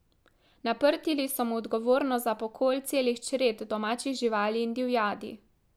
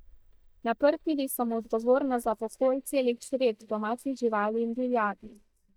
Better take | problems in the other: first | noise reduction (neural mask model DeepFilterNet 3)

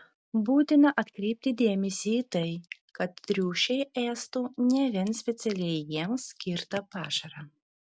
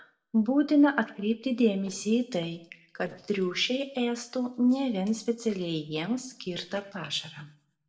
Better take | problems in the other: first | noise reduction (neural separator model SepFormer DNS4)

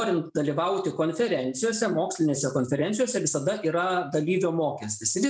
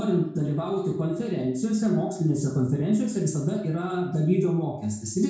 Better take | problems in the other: first | room echo; dies away in 0.5 s

